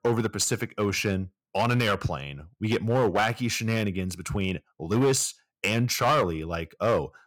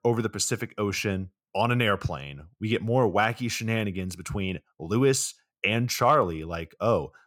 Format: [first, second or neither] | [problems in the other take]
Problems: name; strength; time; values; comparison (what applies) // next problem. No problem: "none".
second | distortion; slight; 6% of the sound clipped